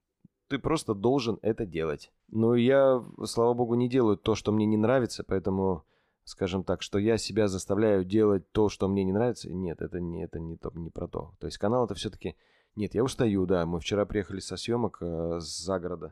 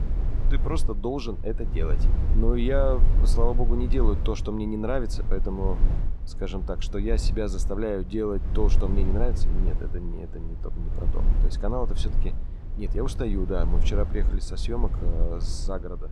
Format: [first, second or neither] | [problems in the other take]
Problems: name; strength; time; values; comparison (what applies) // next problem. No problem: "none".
first | low rumble; noticeable; throughout; 10 dB below the speech